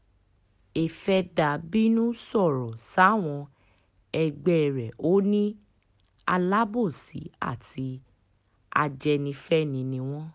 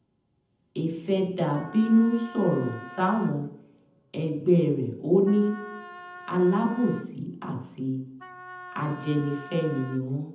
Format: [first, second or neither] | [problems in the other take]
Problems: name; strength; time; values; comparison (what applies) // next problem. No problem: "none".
first | background sound (Wind instrument, woodwind instrument); 17 dB below the speech // room echo; dies away in 0.8 s